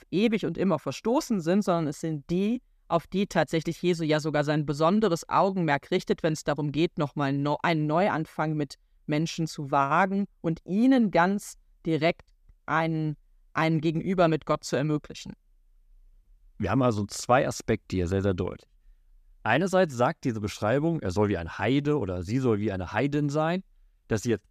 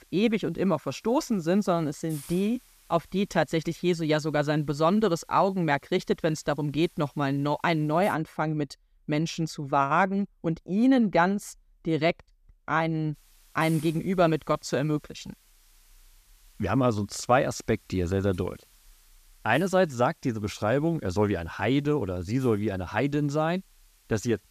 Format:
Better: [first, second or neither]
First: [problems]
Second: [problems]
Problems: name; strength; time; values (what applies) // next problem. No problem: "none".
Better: first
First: none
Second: hiss; faint; until 8 s and from 13 s on; 30 dB below the speech